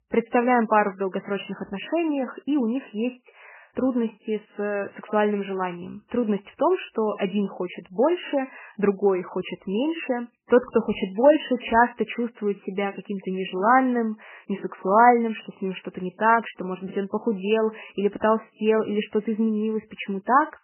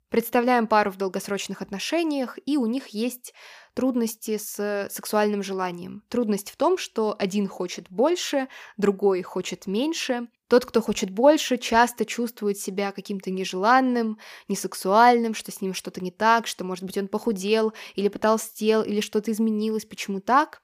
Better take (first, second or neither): second